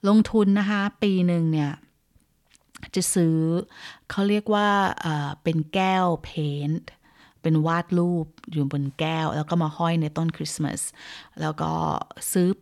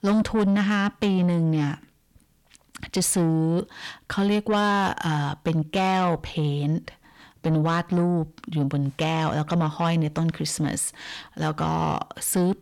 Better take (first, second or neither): first